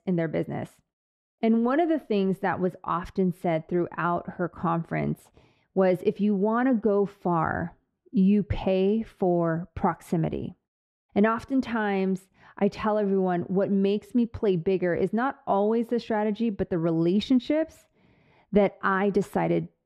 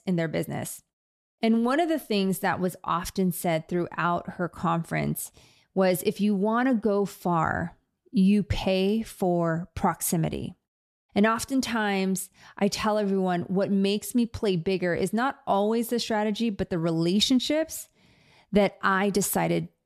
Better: second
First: muffled; very; fading above 4 kHz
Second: none

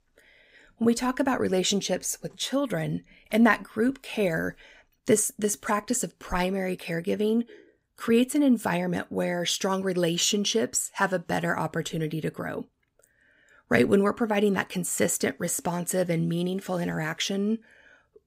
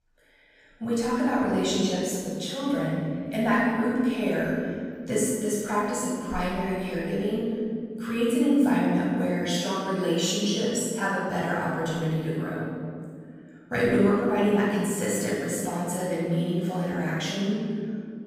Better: first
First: none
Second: off-mic speech; far // room echo; strong; dies away in 2.1 s

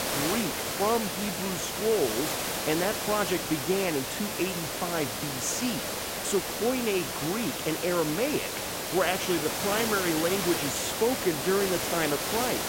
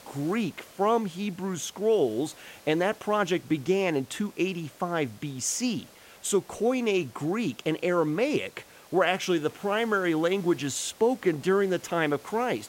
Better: second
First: hiss; loud; throughout; 1 dB below the speech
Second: hiss; faint; throughout; 25 dB below the speech

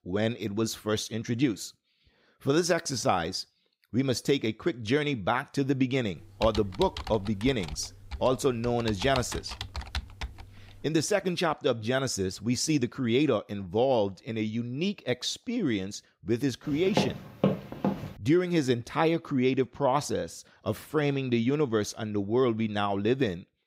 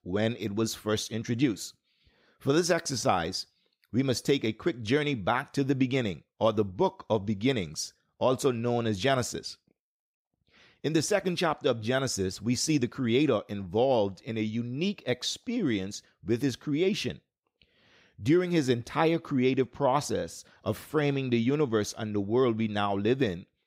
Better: second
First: keyboard typing; noticeable; from 6 to 11 s; peak 8 dB below the speech // footsteps; noticeable; from 17 to 18 s; peak 1 dB below the speech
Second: none

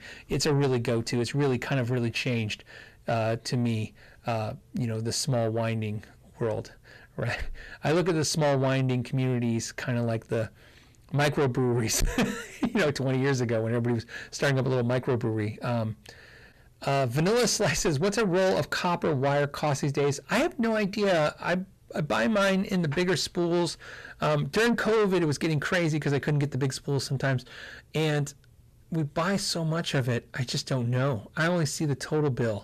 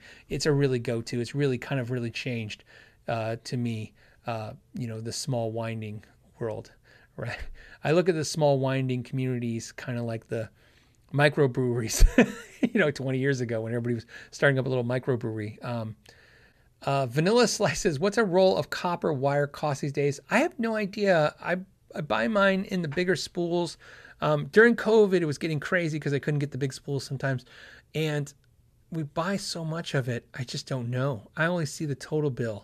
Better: second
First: distortion; heavy; 6 dB below the speech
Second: none

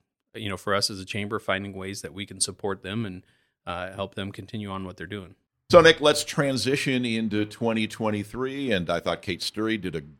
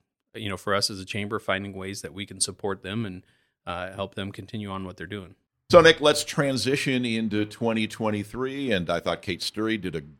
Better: neither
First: none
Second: none

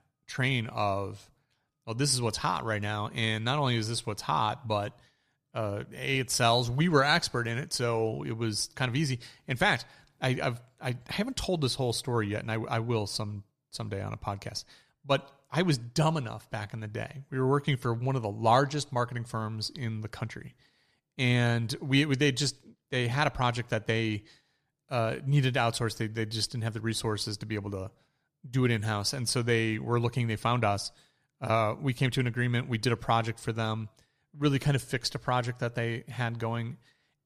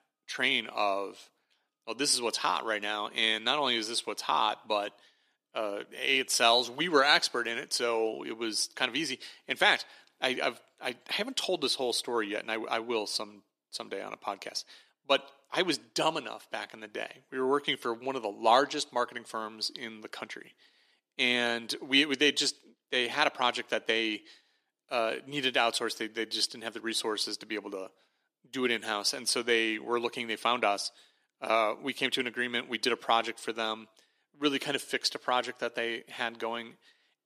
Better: first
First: none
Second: thin; somewhat; fading below 300 Hz

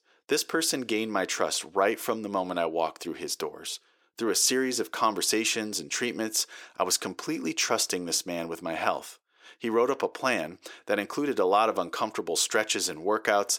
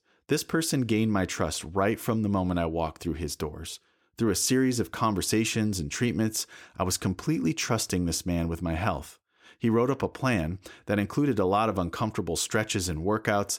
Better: second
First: thin; somewhat; fading below 450 Hz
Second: none

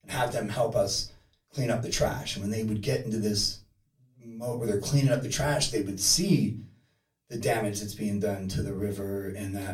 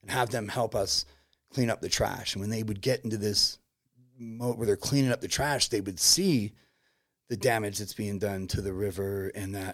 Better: second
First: off-mic speech; far // room echo; very slight; dies away in 0.3 s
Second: none

